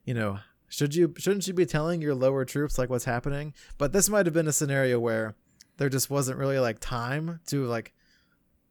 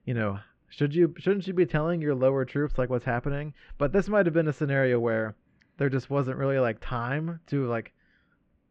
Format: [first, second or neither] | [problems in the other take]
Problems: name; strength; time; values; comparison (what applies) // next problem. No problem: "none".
first | muffled; very; fading above 3 kHz